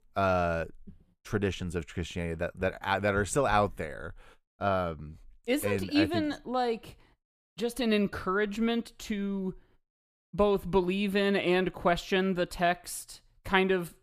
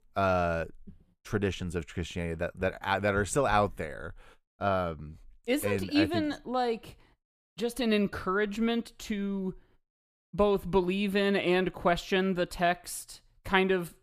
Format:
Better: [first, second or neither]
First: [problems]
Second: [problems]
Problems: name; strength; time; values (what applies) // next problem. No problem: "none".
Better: neither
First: none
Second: none